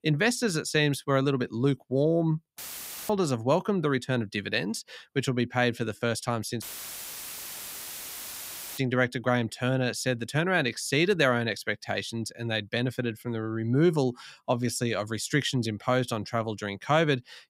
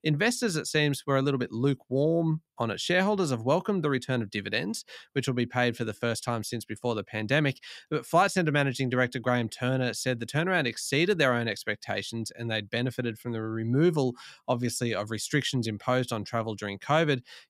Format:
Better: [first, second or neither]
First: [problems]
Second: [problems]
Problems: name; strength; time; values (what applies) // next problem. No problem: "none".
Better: second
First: audio cutting out; filled with static; at 2.5 s for 0.5 s and at 6.5 s for 2 s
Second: none